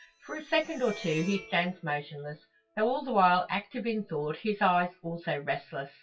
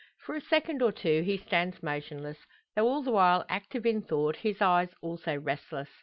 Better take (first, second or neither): second